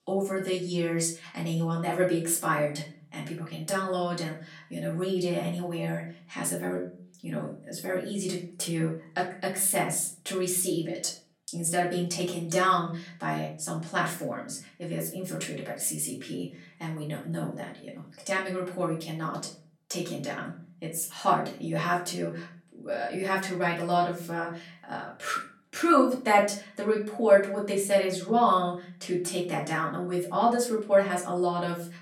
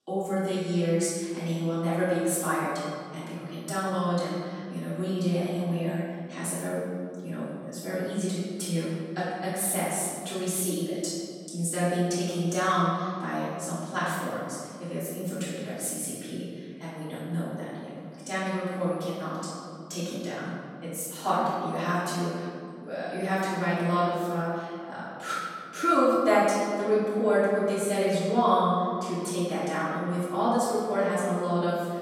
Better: first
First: room echo; slight; dies away in 0.4 s // off-mic speech; far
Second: room echo; strong; dies away in 2.1 s // off-mic speech; far

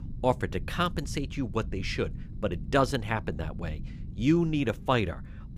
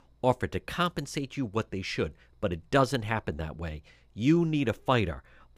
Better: second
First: low rumble; faint; throughout; 20 dB below the speech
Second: none

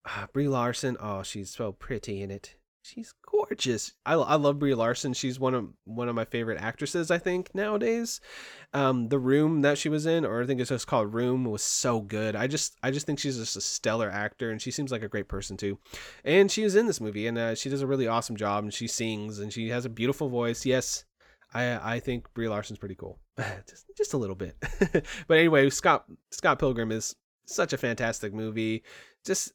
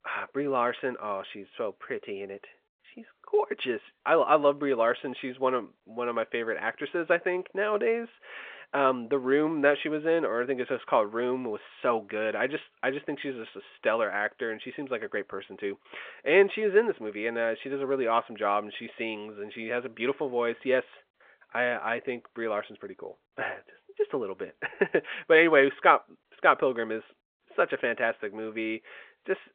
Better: first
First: none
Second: phone-call audio

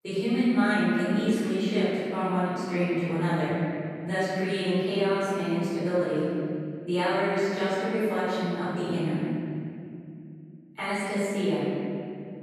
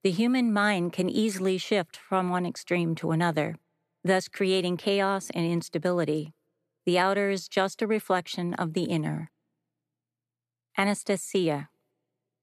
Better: second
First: room echo; strong; dies away in 2.7 s // off-mic speech; far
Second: none

